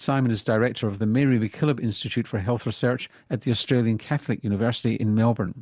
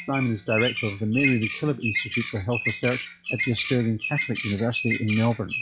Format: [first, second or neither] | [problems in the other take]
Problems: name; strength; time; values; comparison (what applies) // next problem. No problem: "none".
first | noise reduction (classical method log-MMSE)